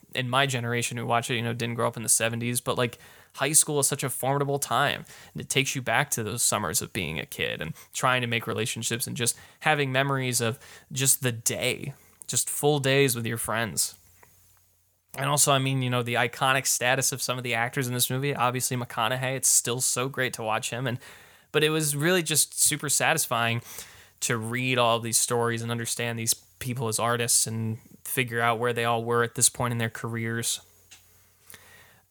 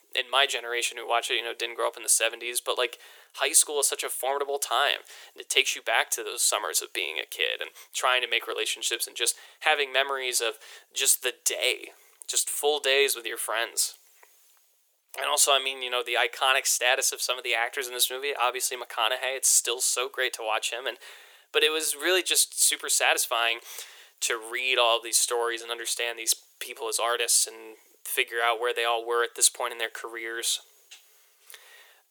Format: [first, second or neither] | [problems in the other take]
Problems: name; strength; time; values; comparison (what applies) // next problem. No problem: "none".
first | thin; very; fading below 350 Hz